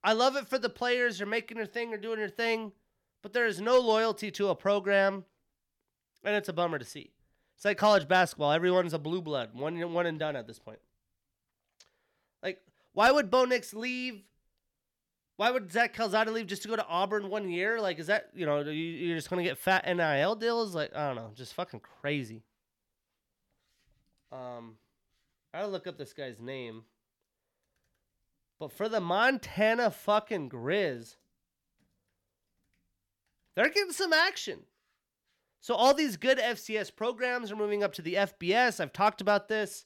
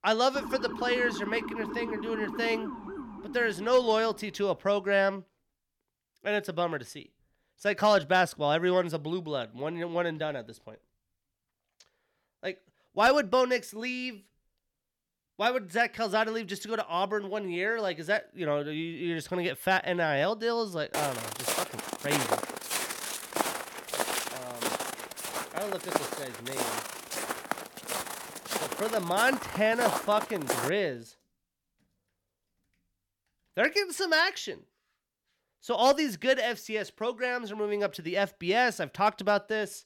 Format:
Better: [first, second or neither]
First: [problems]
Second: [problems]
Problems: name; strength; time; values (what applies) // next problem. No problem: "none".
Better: first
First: none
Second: siren; noticeable; until 4 s; peak 8 dB below the speech // footsteps; loud; from 21 to 31 s; peak level with the speech